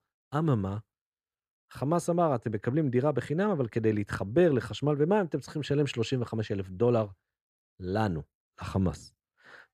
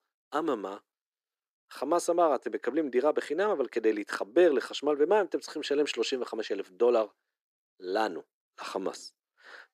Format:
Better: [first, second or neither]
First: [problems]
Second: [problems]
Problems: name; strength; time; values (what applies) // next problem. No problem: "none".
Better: first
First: none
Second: thin; somewhat; fading below 300 Hz